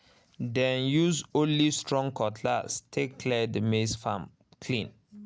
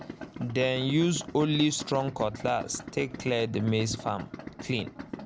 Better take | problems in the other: first | background sound (Idling); 13 dB below the speech

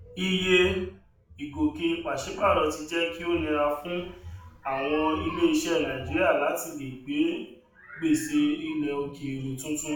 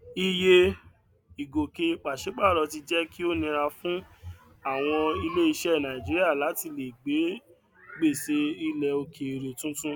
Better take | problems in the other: second | room echo; dies away in 0.5 s

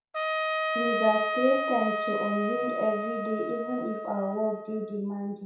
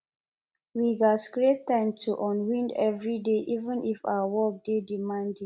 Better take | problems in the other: second | background sound (Trumpet); 2 dB below the speech // room echo; dies away in 0.6 s

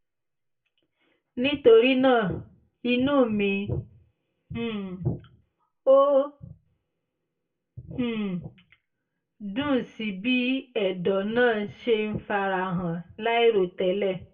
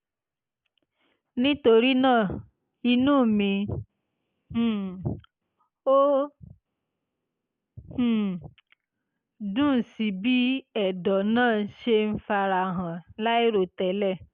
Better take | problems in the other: second | room echo; dies away in 0.2 s

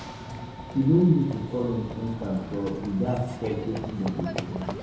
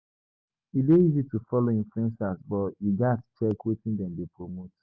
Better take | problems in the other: second | background sound (Run / Train); 9 dB below the speech // room echo; dies away in 1 s

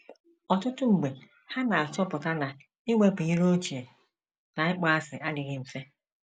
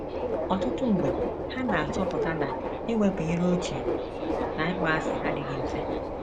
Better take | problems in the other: first | background sound (Subway, metro, underground); as loud as the speech

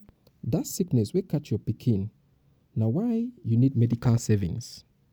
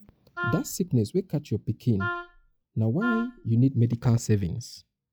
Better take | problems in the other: first | noise reduction (classical method log-MMSE)

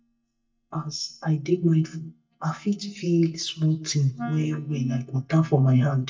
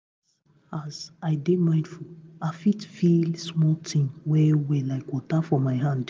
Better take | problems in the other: second | noise reduction (neural mask model DeepFilterNet 3)

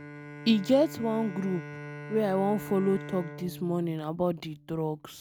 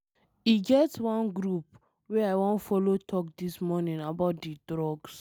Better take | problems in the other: second | background sound (Bowed string instrument); 13 dB below the speech

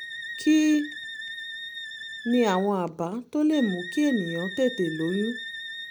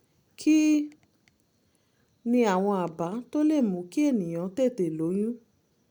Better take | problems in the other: second | background sound (Wind instrument, woodwind instrument); 11 dB below the speech

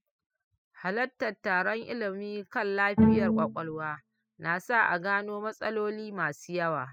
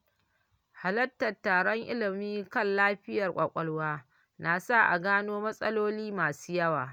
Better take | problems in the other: second | noise reduction (classical method spectral subtraction)

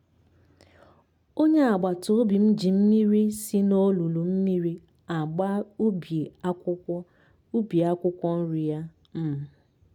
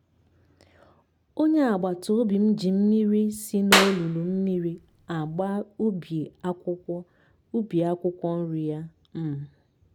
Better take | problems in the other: first | background sound (Clapping); 1 dB below the speech

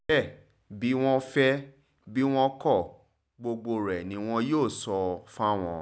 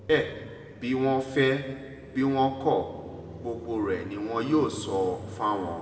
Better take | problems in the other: first | background sound (Car passing by); 16 dB below the speech // room echo; dies away in 1.5 s

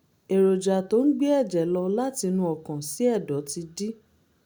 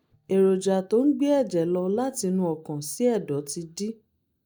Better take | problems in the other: first | noise reduction (neural mask model DeepFilterNet 3)

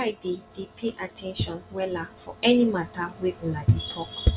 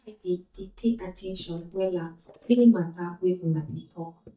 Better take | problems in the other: first | noise reduction (neural mask model DeepFilterNet 3)

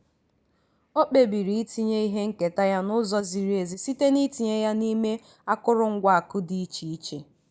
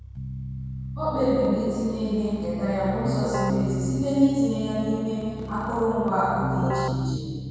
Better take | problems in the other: first | background sound (Keyboard (musical)); 5 dB below the speech // room echo; dies away in 2.1 s

